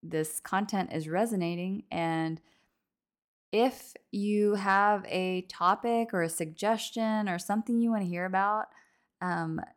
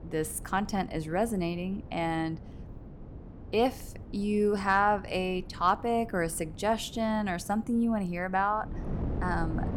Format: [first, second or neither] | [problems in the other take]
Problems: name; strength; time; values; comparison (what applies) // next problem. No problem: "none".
first | wind noise on the microphone; occasional gusts; 20 dB below the speech